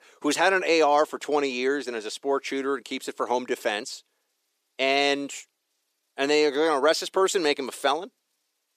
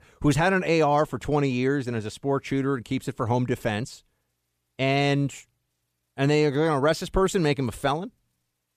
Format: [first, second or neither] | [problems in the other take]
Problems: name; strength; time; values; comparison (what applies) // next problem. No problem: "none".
second | thin; somewhat; fading below 300 Hz